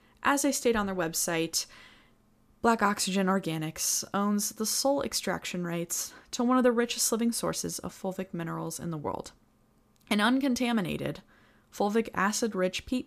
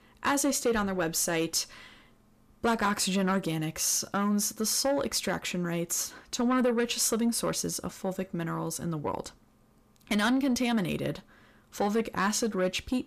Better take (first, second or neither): first